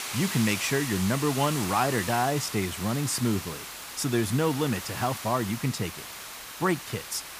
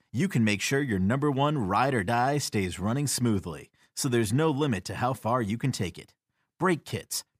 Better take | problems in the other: second | hiss; loud; throughout; 7 dB below the speech

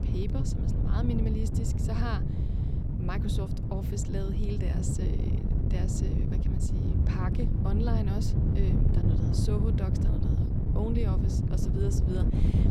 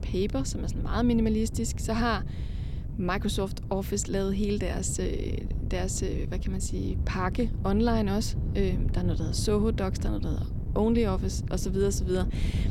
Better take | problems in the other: second | wind noise on the microphone; heavy; as loud as the speech; occasional gusts in the second

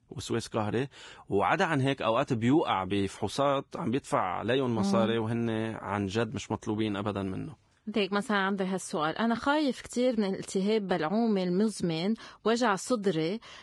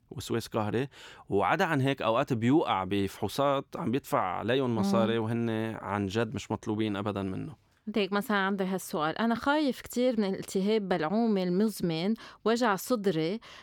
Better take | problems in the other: second | garbled, watery; badly; nothing above 10.5 kHz

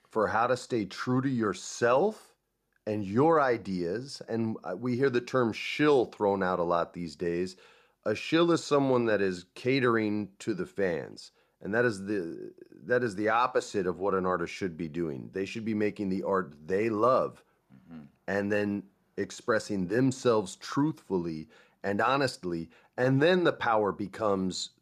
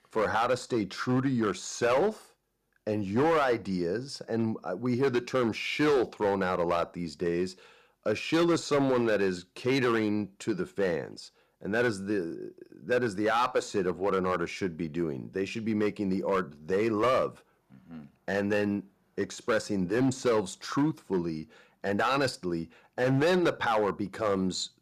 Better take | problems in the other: first | distortion; slight; 5% of the sound clipped

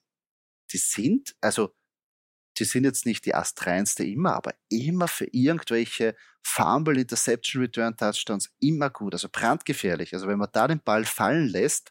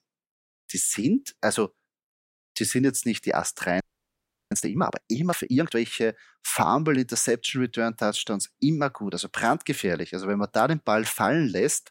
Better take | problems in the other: first | audio freezing; at 4 s for 0.5 s

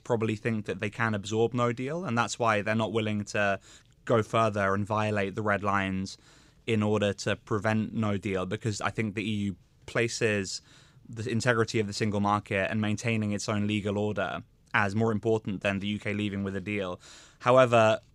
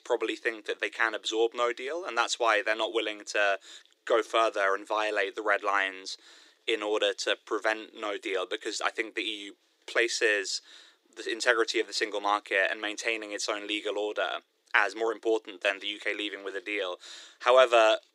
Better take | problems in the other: first | thin; very; fading below 350 Hz

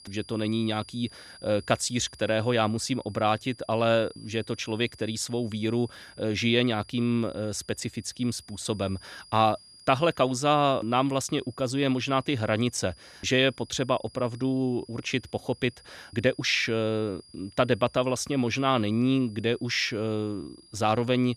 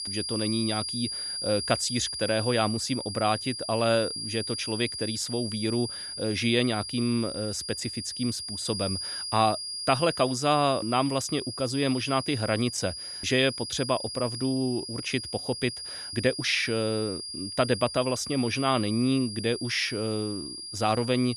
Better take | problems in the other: first | high-pitched whine; loud; throughout; 5 kHz, 6 dB below the speech; faint in the first

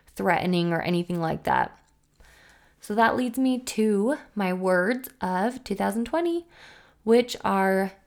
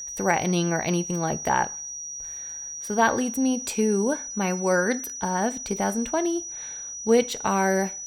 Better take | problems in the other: first | high-pitched whine; loud; throughout; 6 kHz, 8 dB below the speech

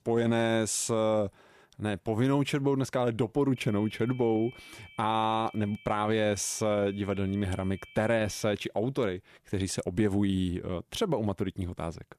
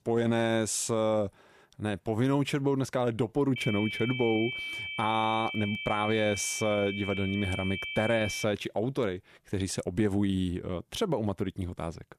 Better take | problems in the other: first | high-pitched whine; loud; from 3.5 to 8.5 s; 2.5 kHz, 5 dB below the speech; faint in the first

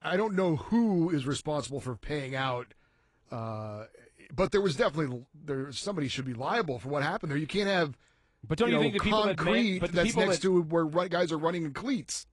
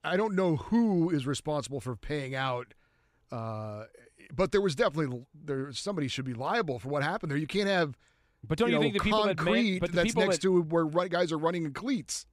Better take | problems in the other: second | garbled, watery; slightly; nothing above 10 kHz

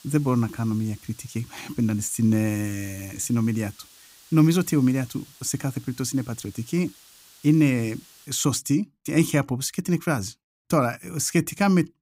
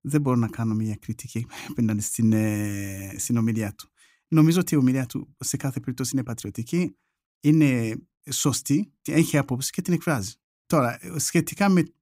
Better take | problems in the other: second | hiss; faint; until 8.5 s; 25 dB below the speech

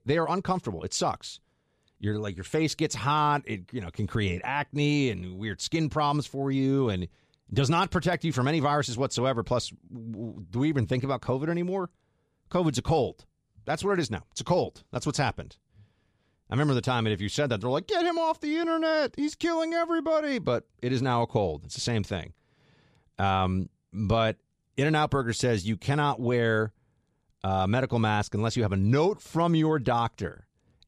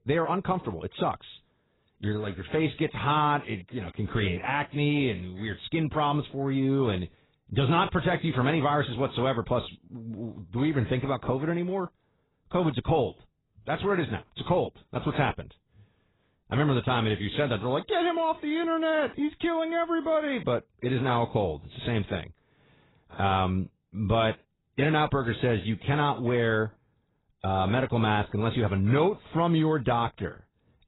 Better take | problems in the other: first | garbled, watery; badly; nothing above 4 kHz

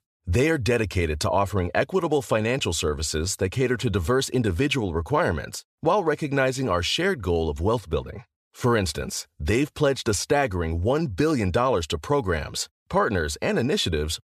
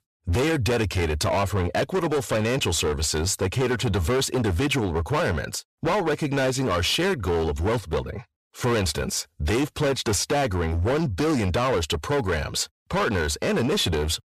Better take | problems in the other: first | distortion; heavy; 22% of the sound clipped

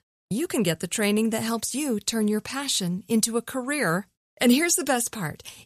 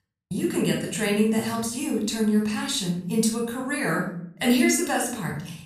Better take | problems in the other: first | off-mic speech; somewhat distant // room echo; noticeable; dies away in 0.6 s

